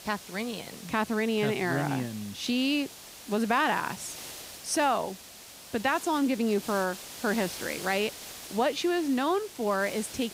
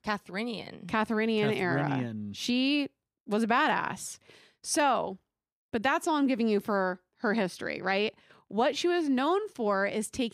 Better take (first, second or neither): second